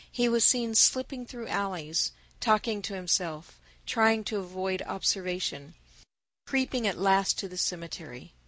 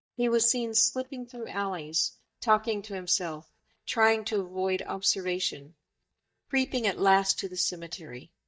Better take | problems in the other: first | noise reduction (neural mask model DeepFilterNet 3)

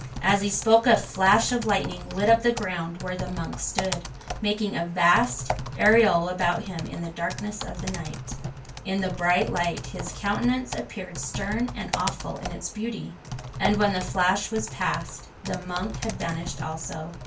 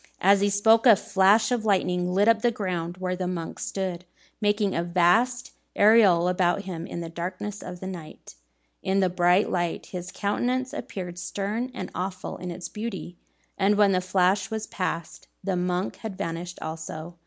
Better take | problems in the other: second | background sound (Typing); 9 dB below the speech // room echo; dies away in 0.2 s

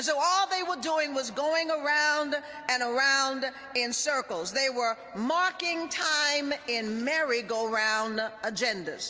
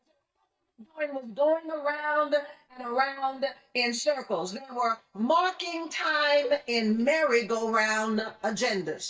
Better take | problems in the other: first | noise reduction (neural mask model DeepFilterNet 3)

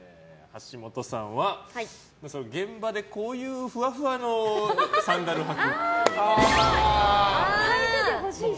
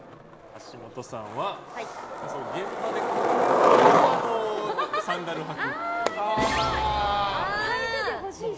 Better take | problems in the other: first | background sound (Skateboard); 2 dB above the speech

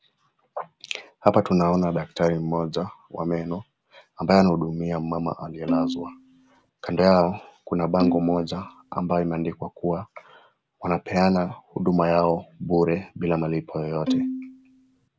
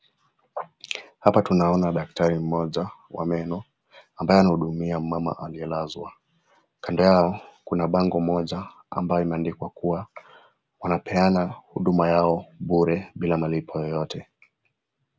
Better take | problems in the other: second | background sound (Bowed string instrument); 4 dB below the speech

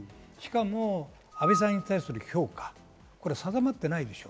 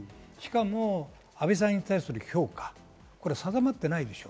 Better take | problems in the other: second | background sound (Screech / Glass); 3 dB below the speech

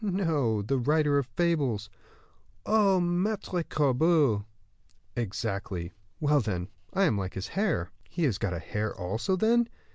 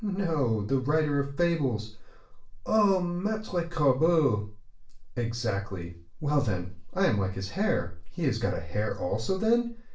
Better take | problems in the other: first | room echo; dies away in 0.3 s

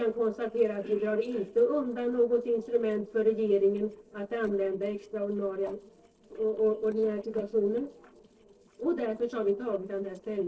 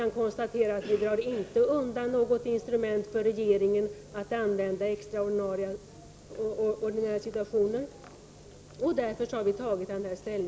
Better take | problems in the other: second | noise reduction (neural separator model SepFormer DNS4)

